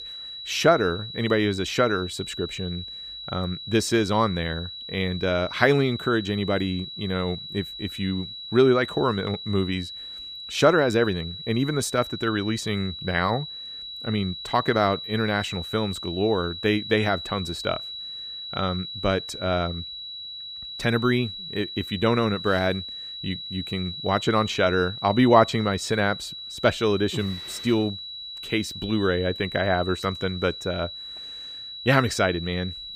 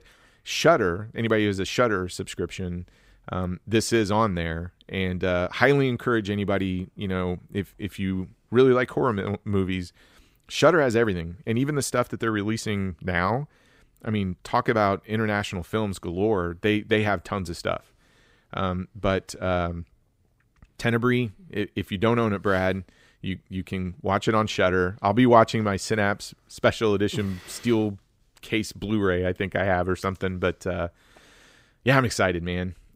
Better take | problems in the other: second | high-pitched whine; loud; throughout; 4 kHz, 9 dB below the speech

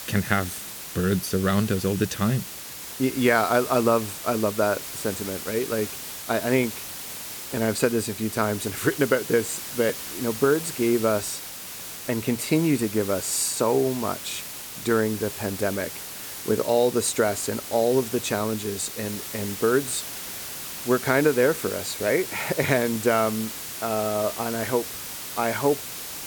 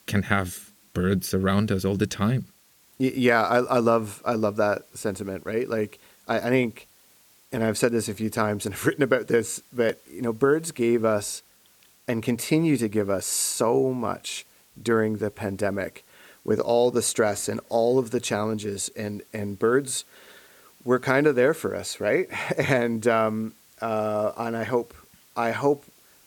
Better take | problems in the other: second | hiss; loud; throughout; 8 dB below the speech; faint in the second

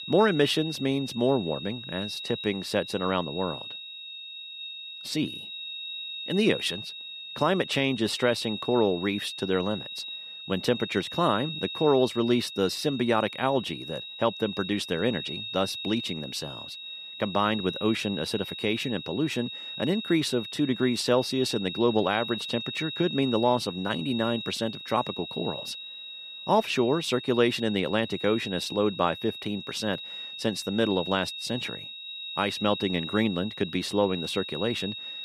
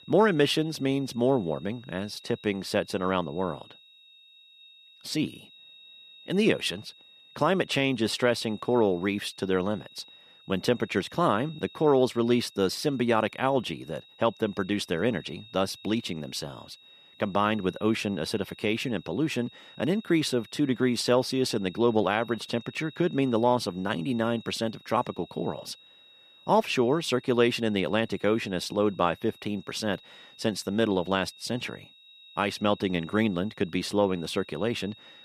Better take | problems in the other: second | high-pitched whine; loud; throughout; 4 kHz, 8 dB below the speech; faint in the second

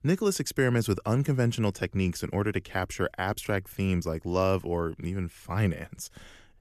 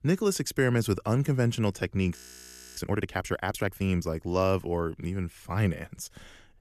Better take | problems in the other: first | audio freezing; at 2 s for 0.5 s

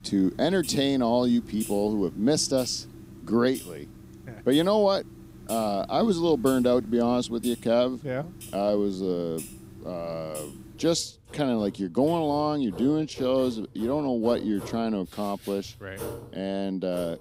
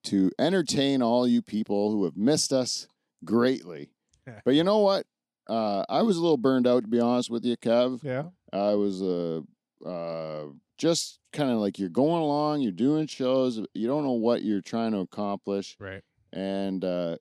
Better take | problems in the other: second | household noises; noticeable; throughout; 15 dB below the speech

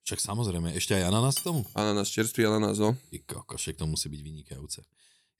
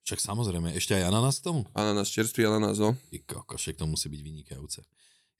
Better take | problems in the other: second | clattering dishes; noticeable; at 1.5 s; peak 6 dB below the speech

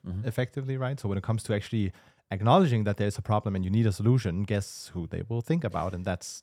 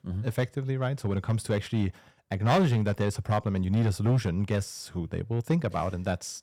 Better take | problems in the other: first | distortion; slight; 4% of the sound clipped

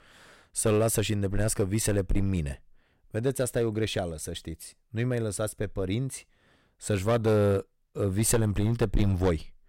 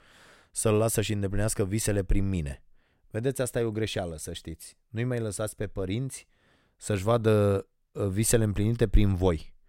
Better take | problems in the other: second | distortion; slight; 4% of the sound clipped

